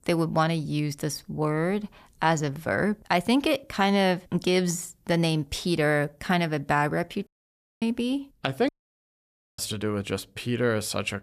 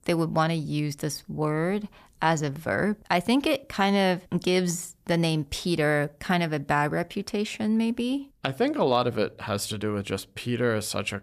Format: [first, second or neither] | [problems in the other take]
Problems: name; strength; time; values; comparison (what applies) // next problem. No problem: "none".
second | audio cutting out; at 7.5 s for 0.5 s and at 8.5 s for 1 s